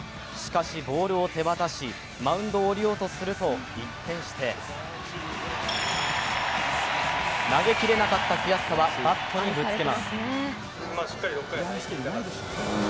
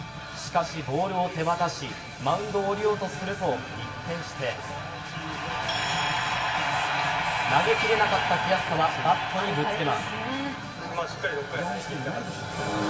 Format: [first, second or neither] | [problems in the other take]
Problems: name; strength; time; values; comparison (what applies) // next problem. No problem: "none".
first | room echo; dies away in 1.9 s